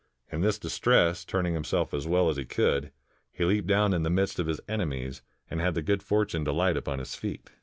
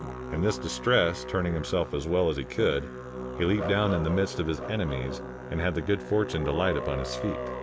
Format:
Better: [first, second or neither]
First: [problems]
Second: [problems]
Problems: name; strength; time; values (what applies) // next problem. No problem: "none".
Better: first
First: none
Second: background sound (Musical instrument); 8 dB below the speech